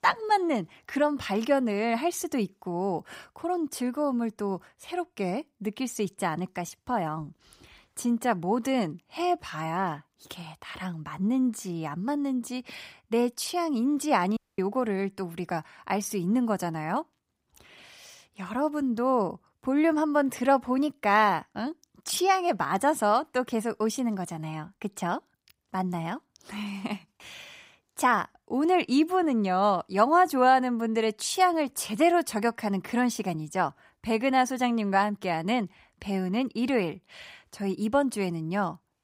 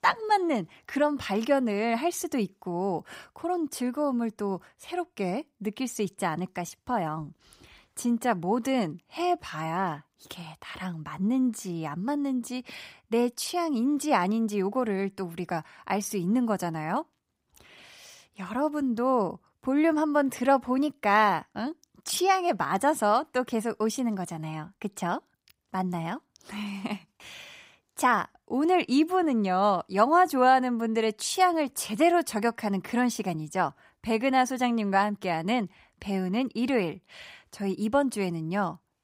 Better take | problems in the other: second | audio cutting out; at 14 s

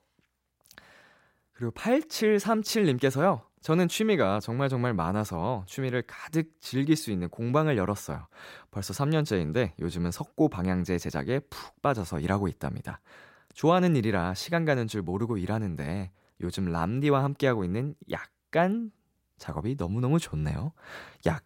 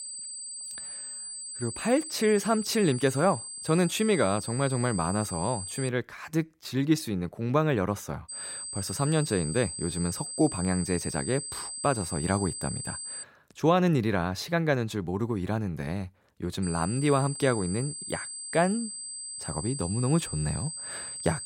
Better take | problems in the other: first | high-pitched whine; loud; until 6 s, from 8.5 to 13 s and from 17 s on; 8 kHz, 7 dB below the speech

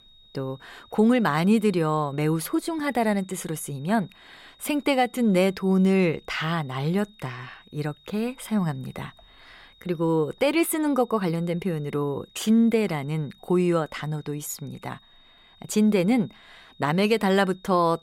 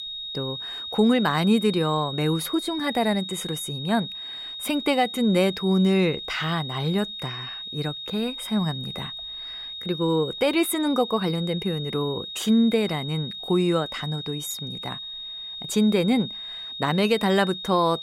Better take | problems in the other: first | high-pitched whine; loud; throughout; 3.5 kHz, 8 dB below the speech; faint in the first

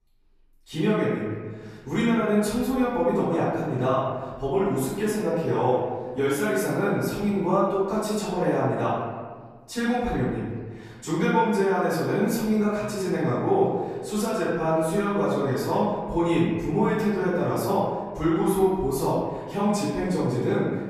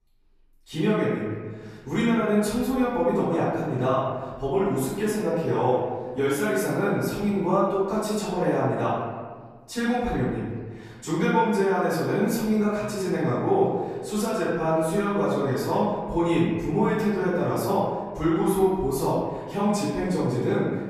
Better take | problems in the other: neither | off-mic speech; far; the same in both // room echo; strong; dies away in 1.4 s; the same in both

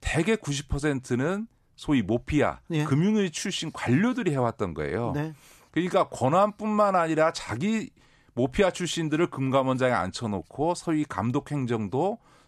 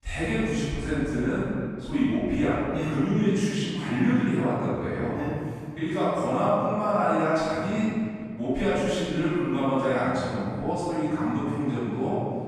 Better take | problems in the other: first | off-mic speech; far // room echo; strong; dies away in 2.1 s

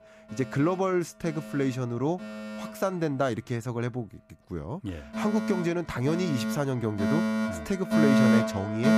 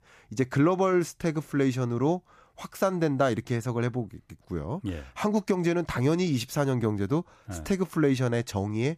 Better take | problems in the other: second | alarms or sirens; very loud; throughout; 2 dB above the speech

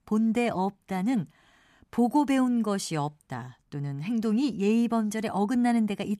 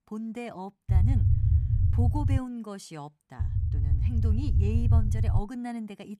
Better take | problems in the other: first | low rumble; loud; from 1 to 2.5 s and from 3.5 to 5.5 s; 2 dB below the speech

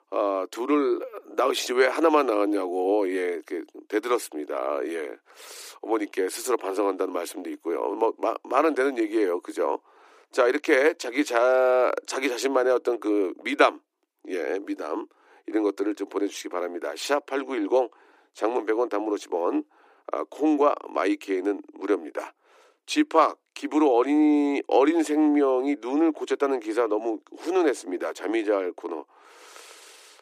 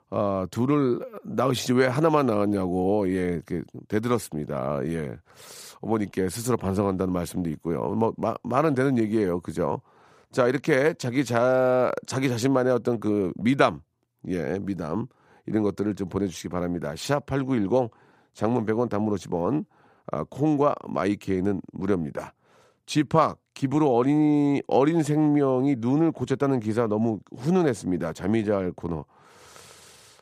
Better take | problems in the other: second | thin; somewhat; fading below 300 Hz

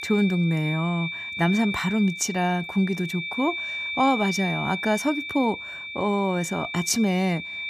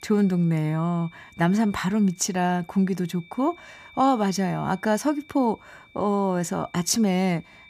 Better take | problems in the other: second | high-pitched whine; loud; throughout; 2.5 kHz, 6 dB below the speech; faint in the second

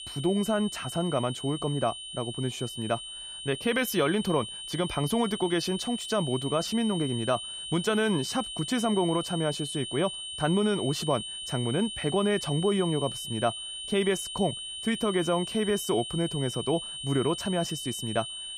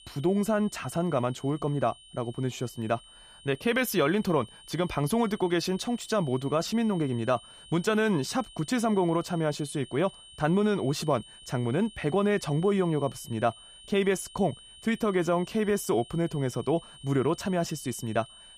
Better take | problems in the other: second | high-pitched whine; loud; throughout; 3 kHz, 7 dB below the speech; faint in the second

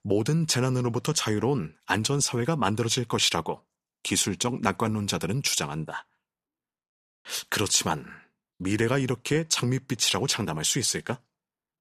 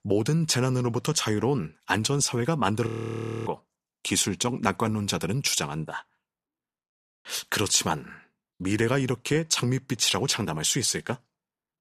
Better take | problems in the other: first | audio freezing; at 3 s for 0.5 s

